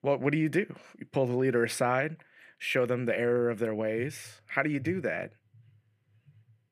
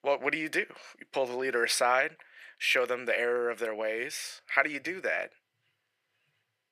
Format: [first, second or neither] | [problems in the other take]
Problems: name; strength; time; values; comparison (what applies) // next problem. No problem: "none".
first | thin; very; fading below 650 Hz